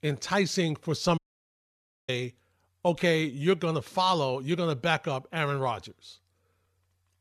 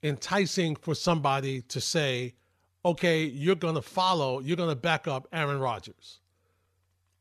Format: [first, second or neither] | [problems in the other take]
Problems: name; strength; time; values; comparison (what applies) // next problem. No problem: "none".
second | audio cutting out; at 1 s for 1 s